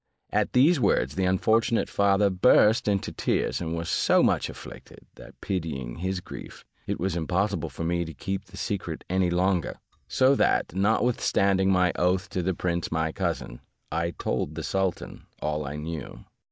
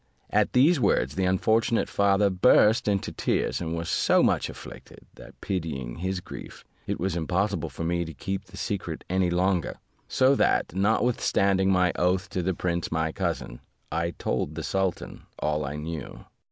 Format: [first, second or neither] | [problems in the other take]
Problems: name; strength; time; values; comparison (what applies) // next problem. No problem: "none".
second | noise reduction (neural mask model DeepFilterNet 3)